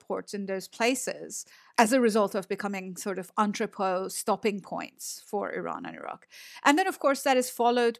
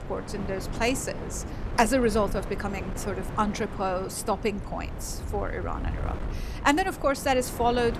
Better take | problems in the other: first | wind noise on the microphone; occasional gusts; 15 dB below the speech

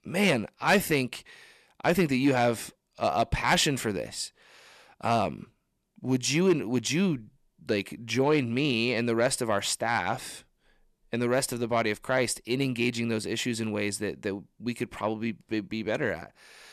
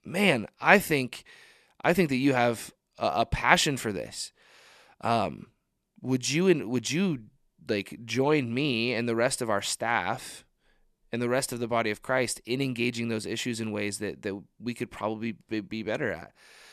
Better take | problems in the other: second | distortion; slight; 10 dB below the speech

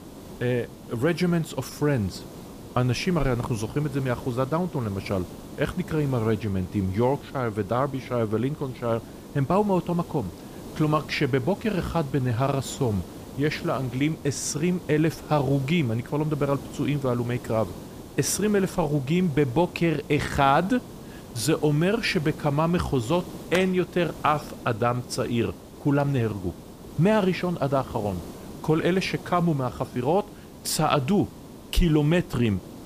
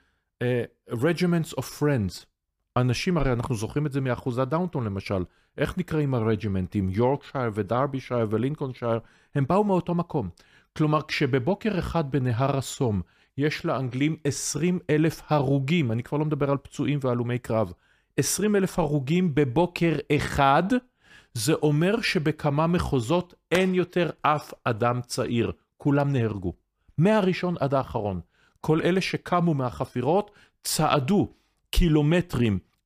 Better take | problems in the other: second | hiss; noticeable; throughout; 15 dB below the speech

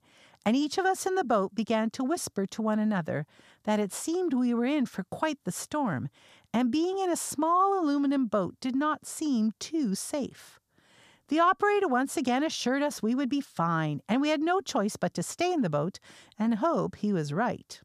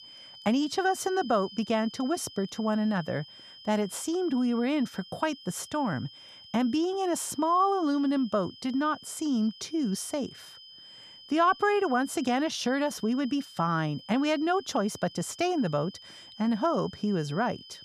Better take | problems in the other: first | high-pitched whine; noticeable; throughout; 3 kHz, 20 dB below the speech

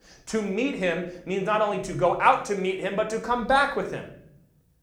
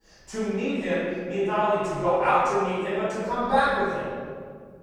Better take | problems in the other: first | room echo; strong; dies away in 2 s; slight in the first // off-mic speech; far

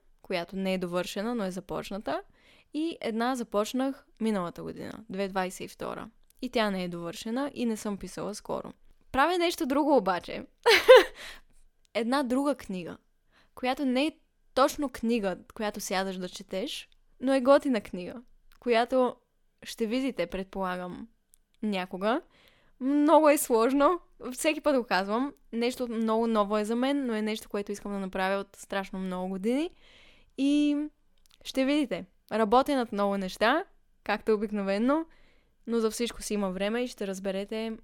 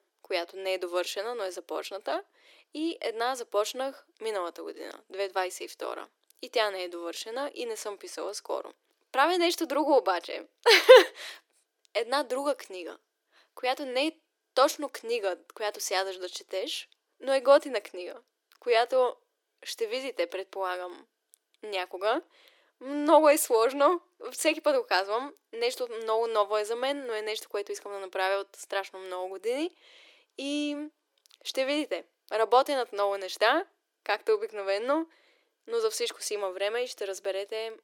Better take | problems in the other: first | thin; somewhat; fading below 300 Hz

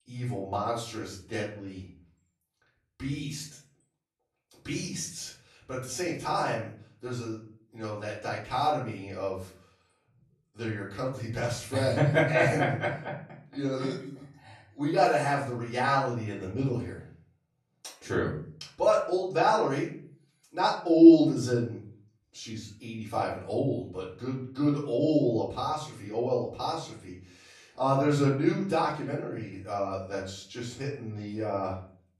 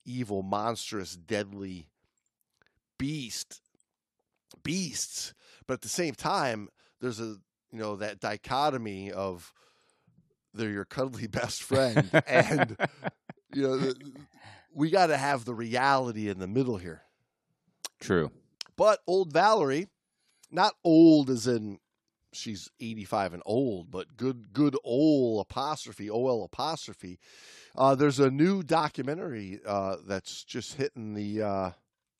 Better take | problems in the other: second | off-mic speech; far // room echo; noticeable; dies away in 0.5 s

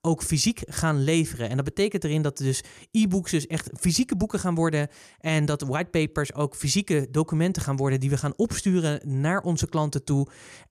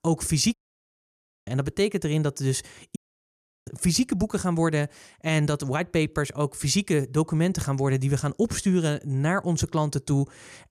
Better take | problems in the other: first | audio cutting out; at 0.5 s for 1 s and at 3 s for 0.5 s

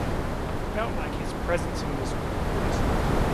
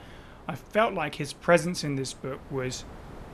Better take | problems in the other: second | wind noise on the microphone; heavy; 3 dB above the speech; occasional gusts in the second

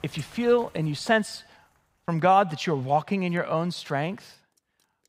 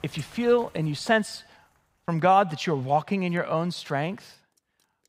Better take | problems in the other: neither | rain or running water; faint; throughout; 30 dB below the speech; the same in both

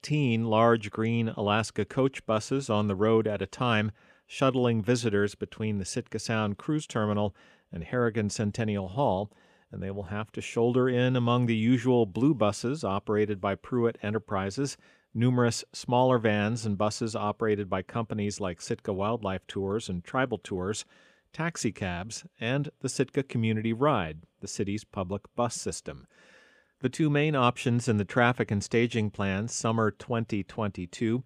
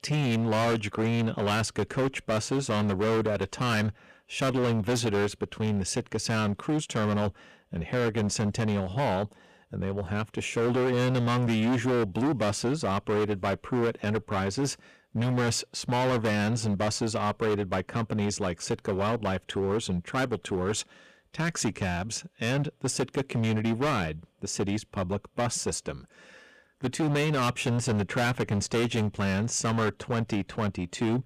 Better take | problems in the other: first | distortion; heavy; 19% of the sound clipped

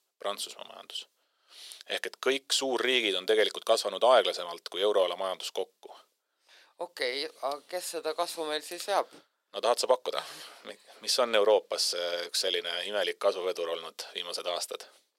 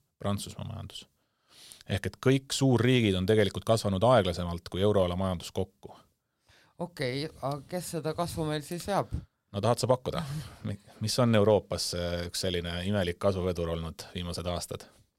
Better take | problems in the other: second | thin; very; fading below 400 Hz

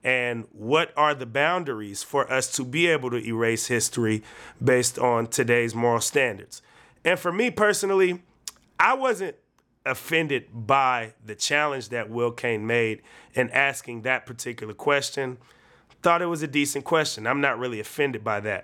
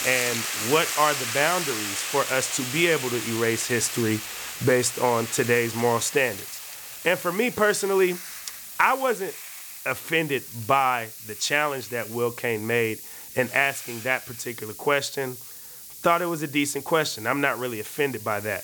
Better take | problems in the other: first | hiss; loud; throughout; 8 dB below the speech

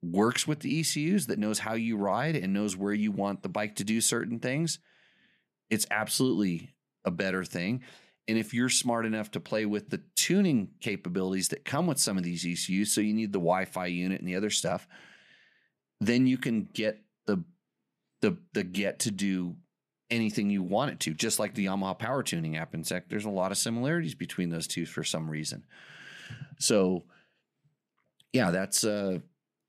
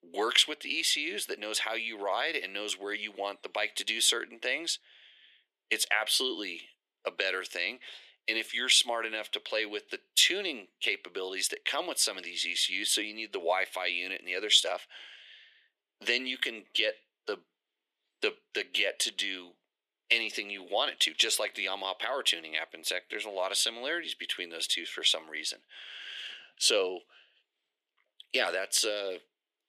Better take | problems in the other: first | thin; very; fading below 350 Hz

